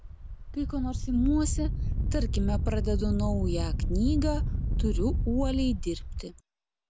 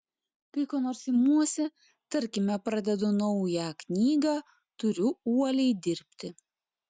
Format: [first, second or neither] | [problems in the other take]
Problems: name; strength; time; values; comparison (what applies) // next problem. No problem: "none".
second | background sound (Wind); 2 dB above the speech